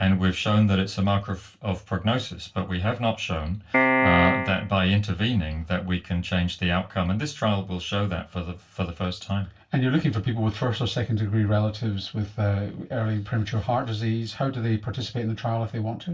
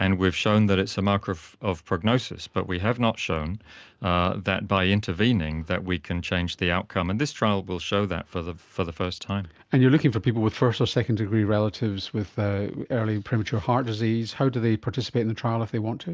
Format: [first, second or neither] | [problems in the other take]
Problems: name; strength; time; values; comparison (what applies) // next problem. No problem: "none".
second | background sound (Piano); 4 dB above the speech // room echo; dies away in 0.2 s